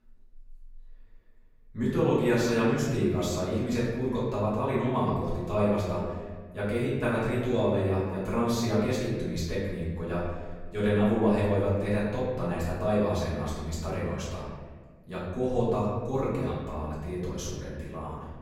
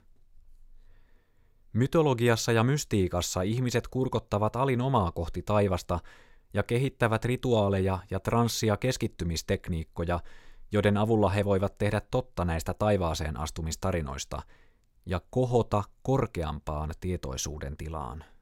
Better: second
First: room echo; noticeable; dies away in 1.5 s // off-mic speech; far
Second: none

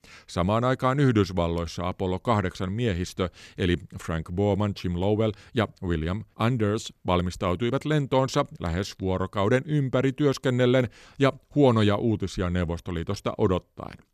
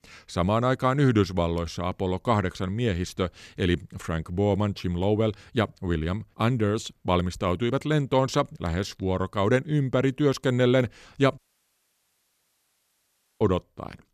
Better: first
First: none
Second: audio cutting out; at 11 s for 2 s

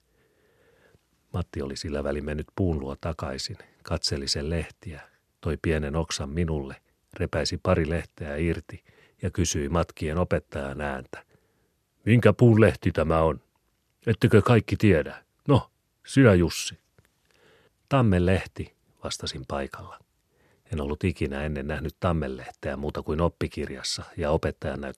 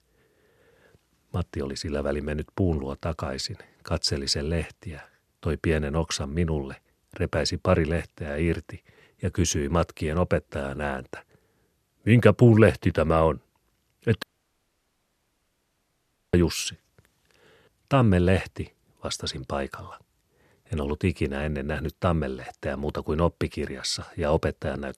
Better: first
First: none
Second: audio cutting out; at 14 s for 2 s

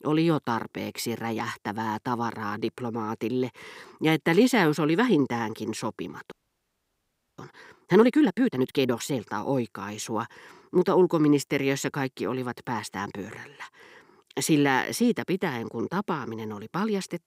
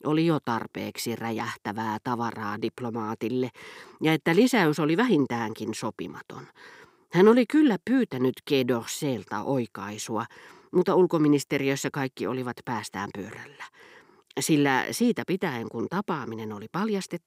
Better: second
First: audio freezing; at 6.5 s for 1 s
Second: none

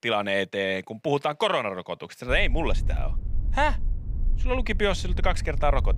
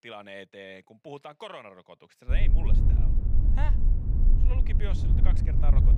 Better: first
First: low rumble; faint; from 2.5 s on; 25 dB below the speech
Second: low rumble; loud; from 2.5 s on; 2 dB below the speech

